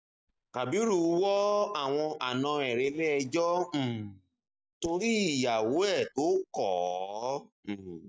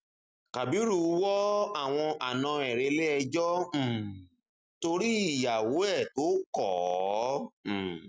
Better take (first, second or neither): second